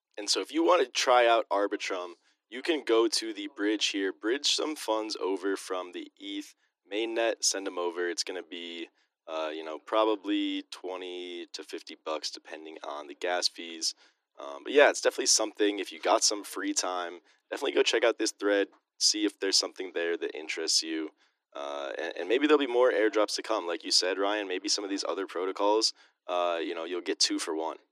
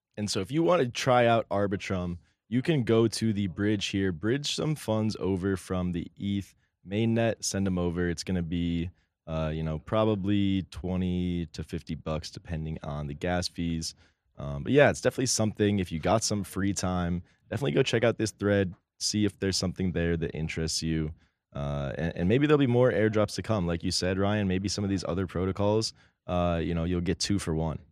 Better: second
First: thin; somewhat; fading below 300 Hz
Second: none

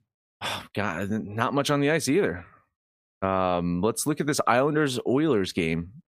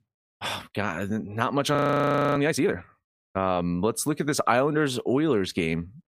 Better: first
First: none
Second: audio freezing; at 2 s for 0.5 s

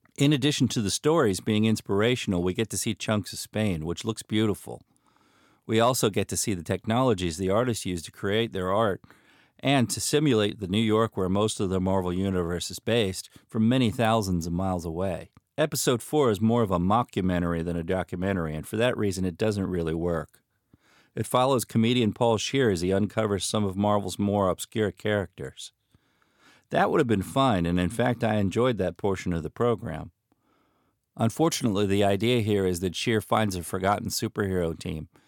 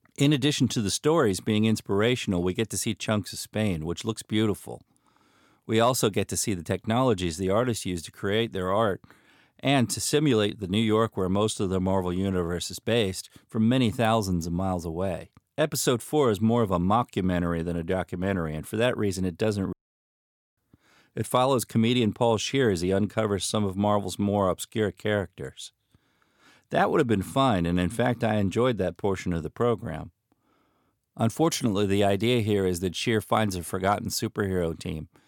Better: first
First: none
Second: audio cutting out; at 20 s for 1 s

